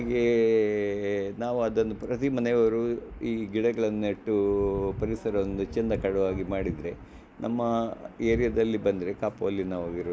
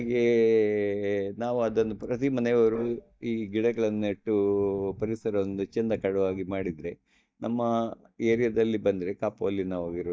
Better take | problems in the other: first | noise reduction (neural mask model DeepFilterNet 3)

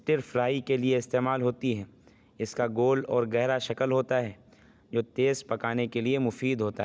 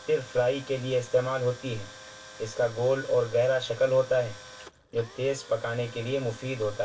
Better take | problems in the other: first | background sound (Tools); 18 dB below the speech // room echo; dies away in 0.2 s

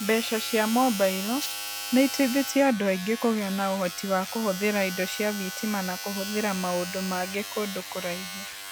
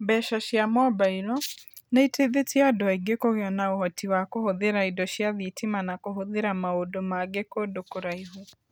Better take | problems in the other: second | background sound (Domestic sounds, home sounds); 9 dB below the speech

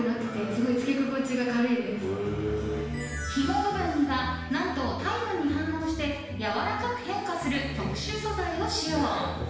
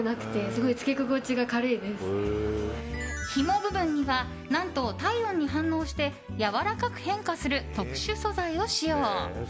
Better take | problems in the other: second | room echo; dies away in 1 s

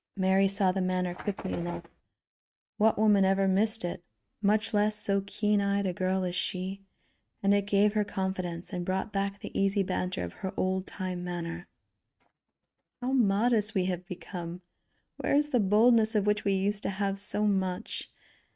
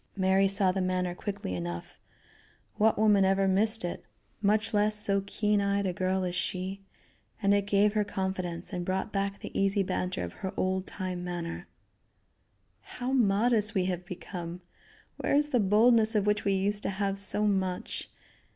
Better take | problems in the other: second | noise reduction (neural mask model RNNoise)

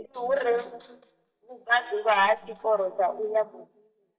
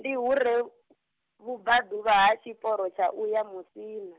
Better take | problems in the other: second | noise reduction (neural mask model DeepFilterNet 3)

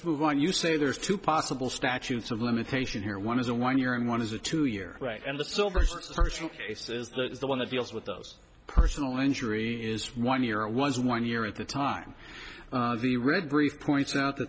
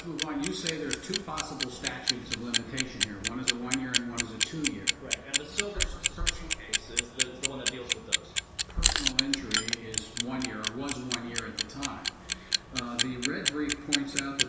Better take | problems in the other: first | background sound (Clock); 4 dB above the speech // room echo; dies away in 1.1 s

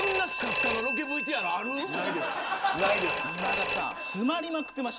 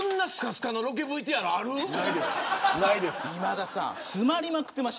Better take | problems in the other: second | background sound (Telephone); 2 dB below the speech

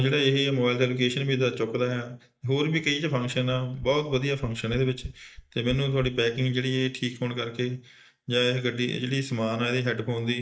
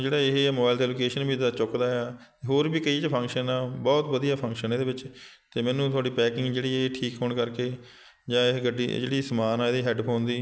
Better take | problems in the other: second | noise reduction (neural mask model DeepFilterNet 3)

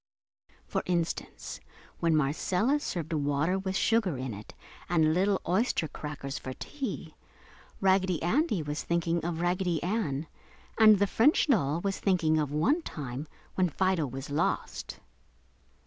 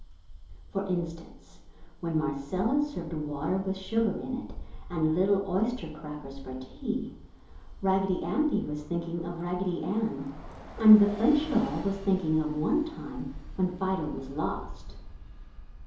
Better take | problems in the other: first | background sound (Bus); 14 dB below the speech // room echo; dies away in 2.8 s

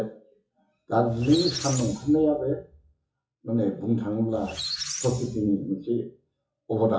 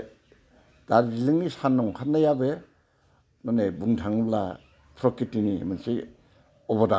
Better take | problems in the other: second | noise reduction (classical method WPE with log-MMSE)

